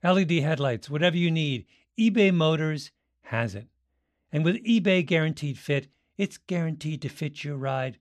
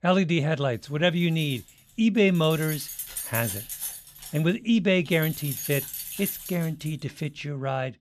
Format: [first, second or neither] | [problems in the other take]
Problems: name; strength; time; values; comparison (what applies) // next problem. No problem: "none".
first | jangling keys; noticeable; from 1.5 to 7 s; peak 4 dB below the speech